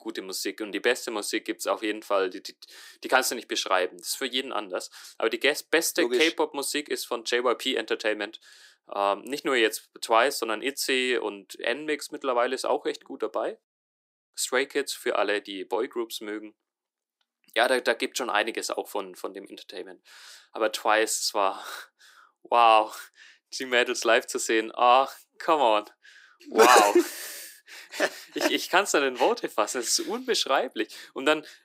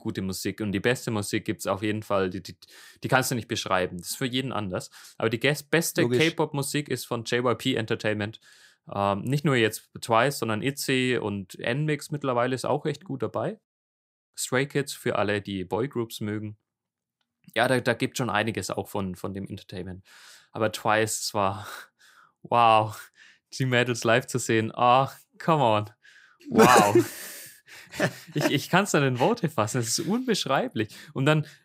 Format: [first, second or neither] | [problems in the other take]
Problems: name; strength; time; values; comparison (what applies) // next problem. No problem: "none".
second | thin; somewhat; fading below 300 Hz